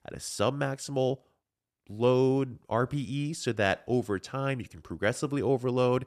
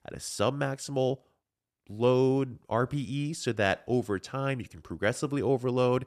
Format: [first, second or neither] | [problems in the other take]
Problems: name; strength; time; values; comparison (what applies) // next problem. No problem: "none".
neither | none